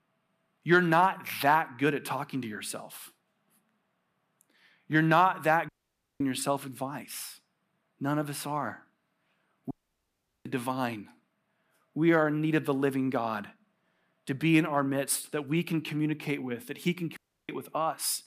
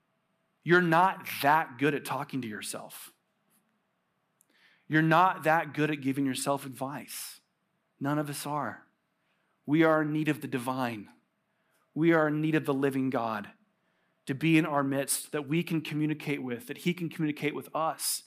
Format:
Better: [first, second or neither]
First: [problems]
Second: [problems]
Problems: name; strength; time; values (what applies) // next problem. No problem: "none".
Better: second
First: audio cutting out; at 5.5 s for 0.5 s, at 9.5 s for 0.5 s and at 17 s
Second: none